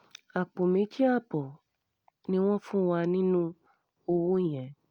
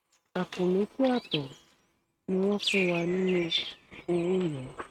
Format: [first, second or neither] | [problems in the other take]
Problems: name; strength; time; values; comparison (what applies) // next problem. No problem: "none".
first | noise reduction (neural mask model RNNoise)